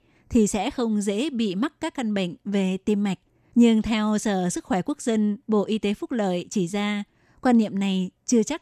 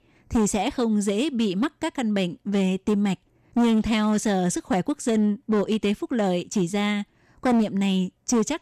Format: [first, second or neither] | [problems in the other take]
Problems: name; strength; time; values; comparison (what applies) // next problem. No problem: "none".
first | distortion; slight; 8% of the sound clipped